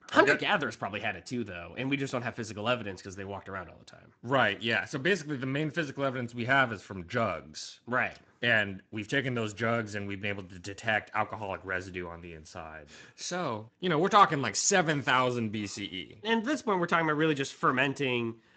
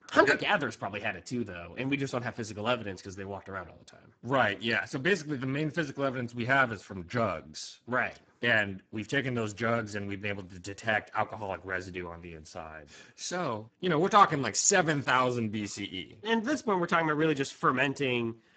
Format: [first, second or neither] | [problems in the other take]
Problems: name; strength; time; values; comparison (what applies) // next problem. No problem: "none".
first | garbled, watery; badly; nothing above 7.5 kHz; slightly in the first